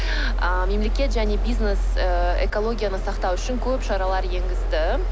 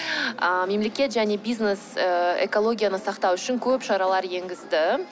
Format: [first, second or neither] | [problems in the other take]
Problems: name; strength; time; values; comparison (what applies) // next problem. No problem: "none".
second | background sound (Mechanisms); 4 dB above the speech